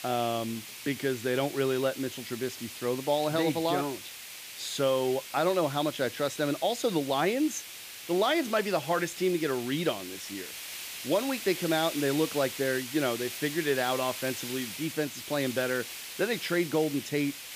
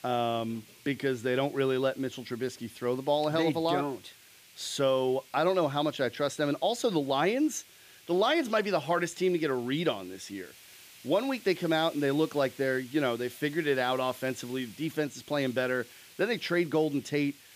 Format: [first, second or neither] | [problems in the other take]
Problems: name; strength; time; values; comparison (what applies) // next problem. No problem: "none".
second | hiss; loud; throughout; 9 dB below the speech; faint in the second